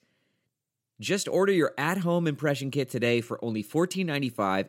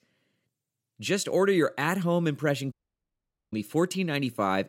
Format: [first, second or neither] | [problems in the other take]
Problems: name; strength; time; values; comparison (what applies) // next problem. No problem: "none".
first | audio cutting out; at 2.5 s for 1 s